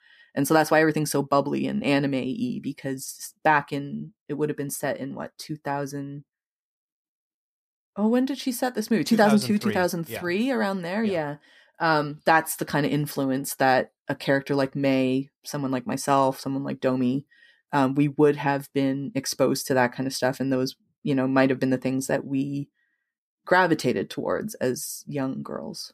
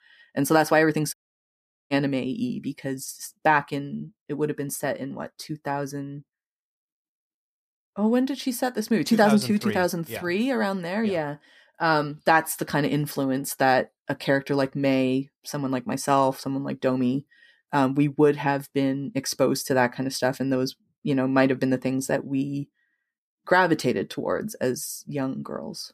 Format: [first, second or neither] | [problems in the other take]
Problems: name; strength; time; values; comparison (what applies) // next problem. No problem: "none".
first | audio cutting out; at 1 s for 1 s